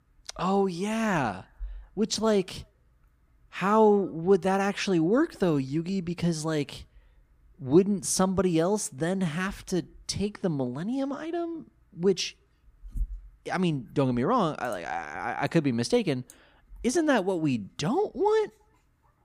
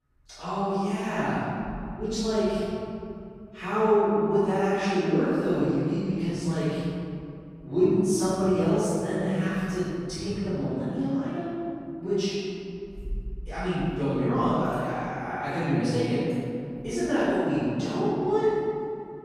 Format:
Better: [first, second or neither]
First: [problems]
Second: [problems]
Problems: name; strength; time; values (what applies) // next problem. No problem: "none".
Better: first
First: none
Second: off-mic speech; far // room echo; strong; dies away in 2.5 s